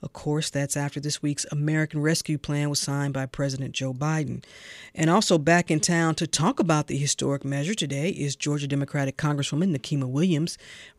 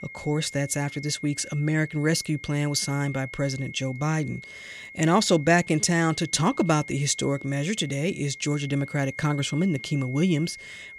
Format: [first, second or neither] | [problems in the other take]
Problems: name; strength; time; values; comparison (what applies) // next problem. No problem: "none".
first | high-pitched whine; noticeable; throughout; 2 kHz, 15 dB below the speech